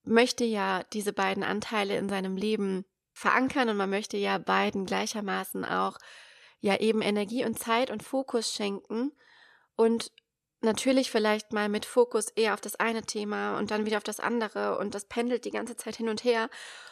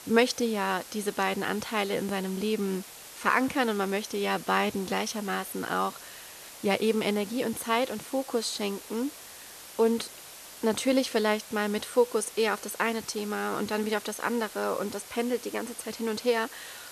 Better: first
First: none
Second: hiss; noticeable; throughout; 15 dB below the speech

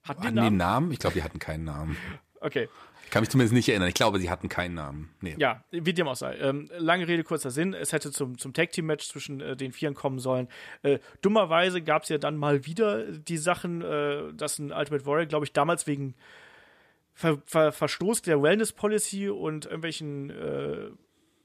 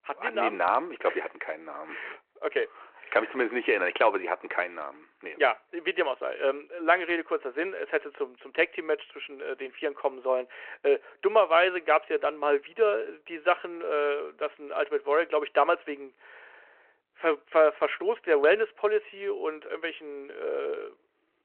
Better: first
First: none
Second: phone-call audio

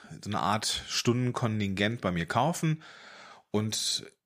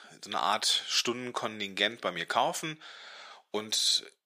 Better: first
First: none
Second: thin; somewhat; fading below 400 Hz

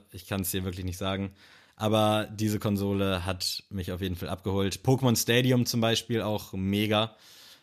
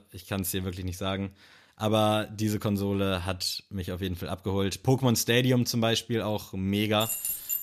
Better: first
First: none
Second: jangling keys; noticeable; at 7 s; peak 1 dB below the speech

